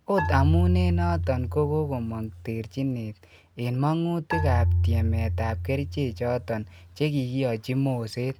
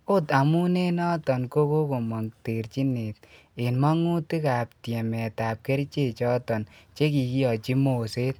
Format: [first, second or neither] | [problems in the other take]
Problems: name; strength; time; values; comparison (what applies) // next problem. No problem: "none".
second | background sound (Marimba, xylophone); 1 dB below the speech